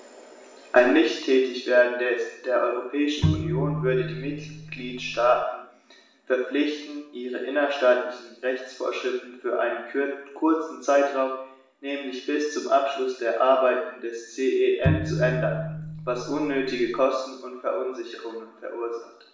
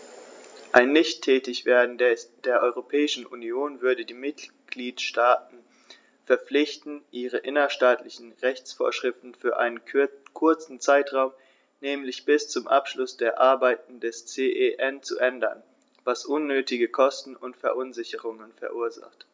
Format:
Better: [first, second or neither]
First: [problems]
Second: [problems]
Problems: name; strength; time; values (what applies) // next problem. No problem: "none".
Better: second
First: background sound (Bowed string instrument); 3 dB below the speech // room echo; dies away in 0.7 s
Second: none